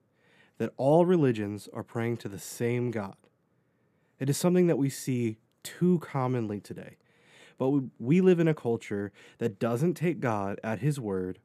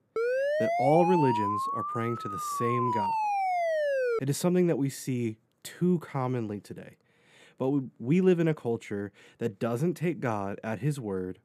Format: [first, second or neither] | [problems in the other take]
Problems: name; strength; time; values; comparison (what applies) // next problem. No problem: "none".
first | siren; loud; until 4 s; peak 2 dB above the speech